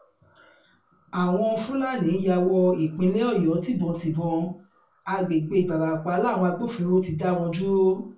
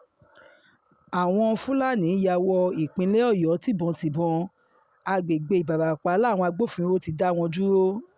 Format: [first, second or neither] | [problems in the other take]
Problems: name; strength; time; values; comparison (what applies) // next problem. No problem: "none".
second | room echo; dies away in 0.3 s